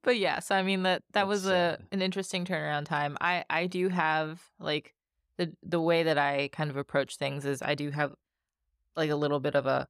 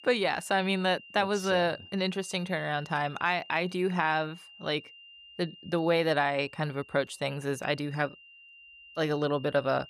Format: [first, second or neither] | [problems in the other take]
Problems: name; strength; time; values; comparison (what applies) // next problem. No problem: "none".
first | high-pitched whine; noticeable; throughout; 3 kHz, 20 dB below the speech